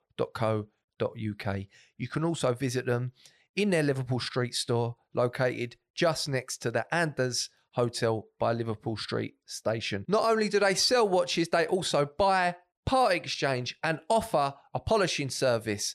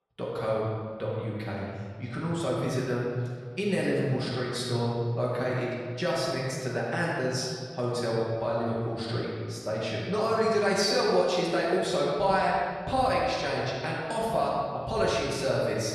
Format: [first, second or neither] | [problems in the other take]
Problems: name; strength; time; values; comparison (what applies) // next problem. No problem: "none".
first | room echo; noticeable; dies away in 1.9 s // off-mic speech; far